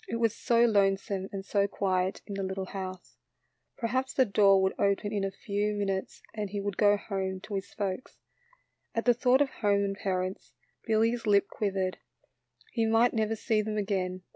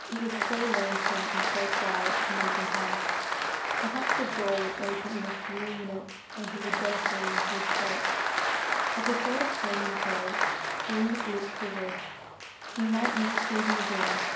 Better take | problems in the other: first | background sound (Applause); 4 dB above the speech // room echo; dies away in 0.6 s

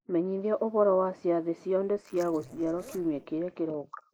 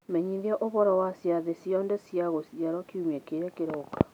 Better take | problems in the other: second | noise reduction (neural mask model Resemble Enhance denoiser)

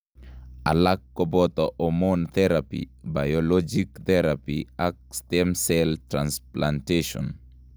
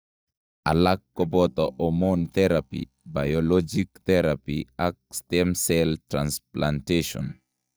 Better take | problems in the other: first | noise reduction (neural mask model DeepFilterNet 3)

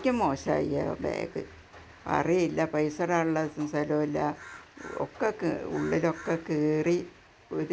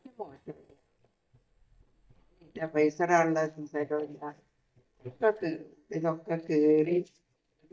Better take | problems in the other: first | noise reduction (neural mask model DeepFilterNet 3)

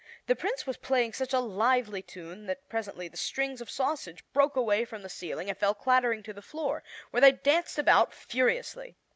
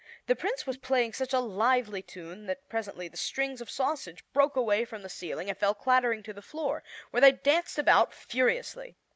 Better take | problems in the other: first | noise reduction (neural mask model Resemble Enhance denoiser)

